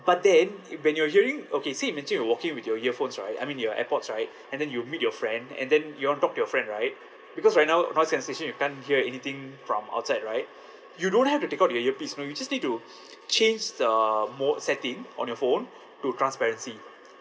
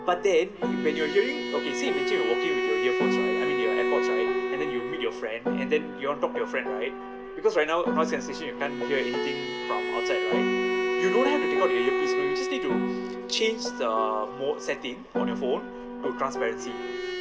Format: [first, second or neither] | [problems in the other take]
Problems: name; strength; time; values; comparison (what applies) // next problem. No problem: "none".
first | background sound (Bowed string instrument + Piano); 1 dB above the speech